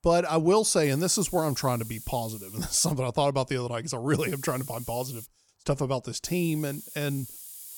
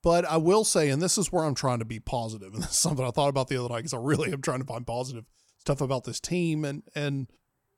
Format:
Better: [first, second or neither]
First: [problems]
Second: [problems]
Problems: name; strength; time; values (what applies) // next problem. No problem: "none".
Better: second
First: hiss; noticeable; from 1 to 3 s, from 4 to 5.5 s and from 6 s on; 15 dB below the speech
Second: none